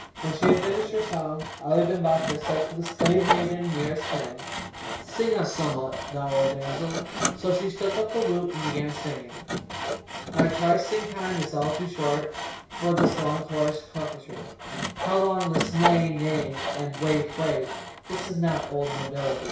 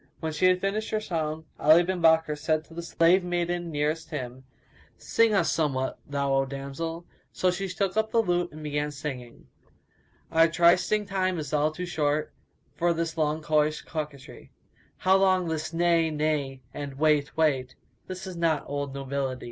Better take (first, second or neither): second